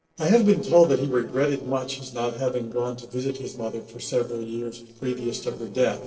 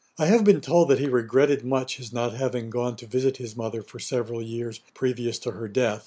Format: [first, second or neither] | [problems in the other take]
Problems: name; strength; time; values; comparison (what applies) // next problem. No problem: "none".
second | noise reduction (neural separator model SepFormer DNS4)